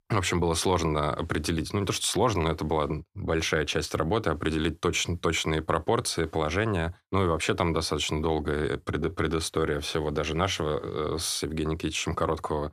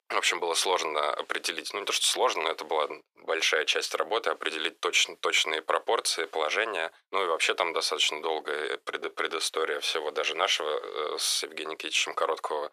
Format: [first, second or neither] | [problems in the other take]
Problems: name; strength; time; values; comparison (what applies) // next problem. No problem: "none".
first | thin; very; fading below 500 Hz